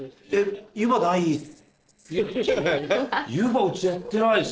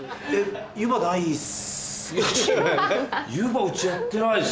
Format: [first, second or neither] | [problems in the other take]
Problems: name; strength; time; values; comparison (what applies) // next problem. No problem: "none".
second | noise reduction (neural separator model SepFormer DNS4)